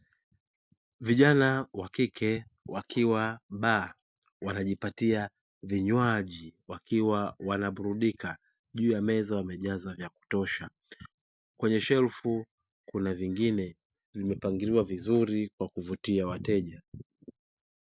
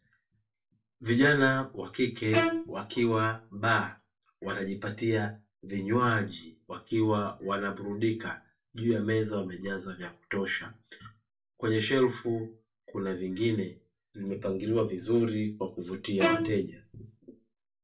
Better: first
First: none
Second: background sound (Bowed string instrument); 2 dB below the speech // room echo; dies away in 0.2 s

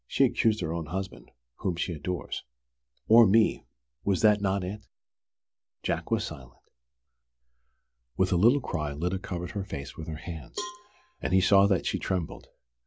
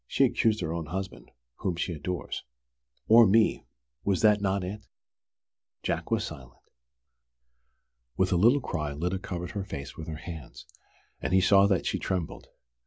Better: second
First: background sound (Cowbell); 16 dB below the speech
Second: none

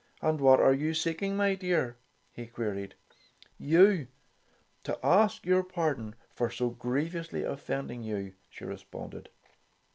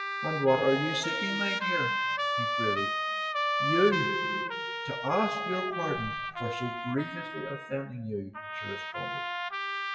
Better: first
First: none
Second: noise reduction (classical method WPE with log-MMSE)

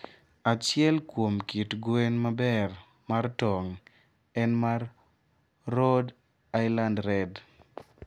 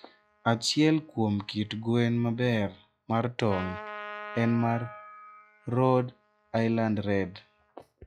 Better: first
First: none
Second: noise reduction (classical method log-MMSE)

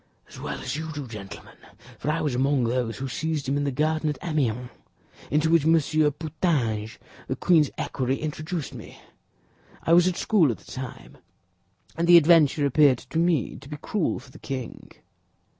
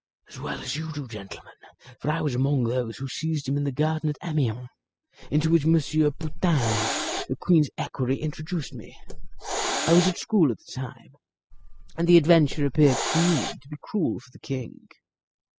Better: first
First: none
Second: noise reduction (classical method spectral subtraction)

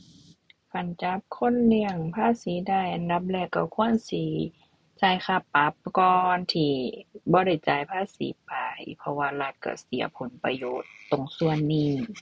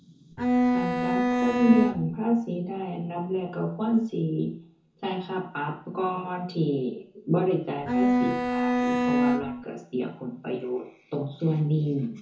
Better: first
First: none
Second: background sound (Bowed string instrument); 4 dB above the speech // room echo; dies away in 0.5 s

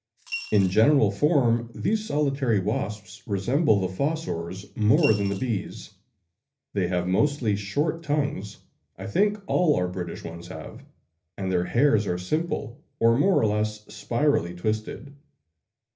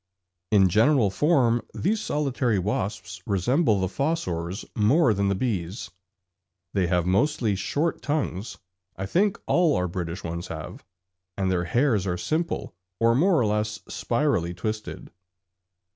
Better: second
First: background sound (Coin (dropping) / Glass); 13 dB below the speech // room echo; dies away in 0.3 s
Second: none

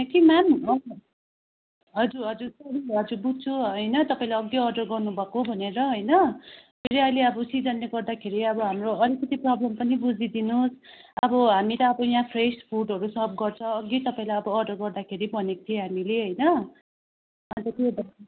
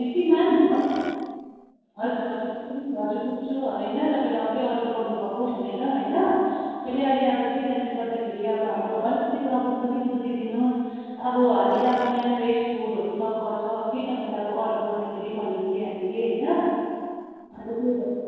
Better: first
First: none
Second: noise reduction (neural separator model SepFormer DNS4)

